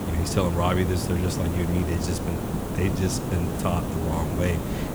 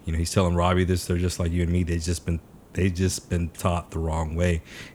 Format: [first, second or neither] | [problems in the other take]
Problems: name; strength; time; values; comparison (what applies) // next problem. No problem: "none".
second | hiss; loud; throughout; 2 dB below the speech; faint in the second